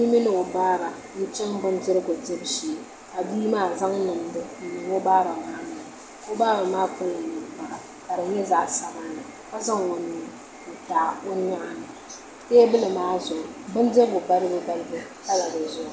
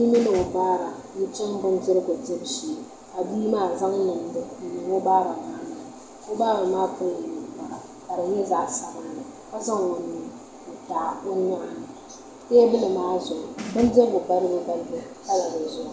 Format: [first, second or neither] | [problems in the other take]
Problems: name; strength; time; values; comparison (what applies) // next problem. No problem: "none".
first | background sound (Snare drum); 15 dB below the speech // room echo; dies away in 0.8 s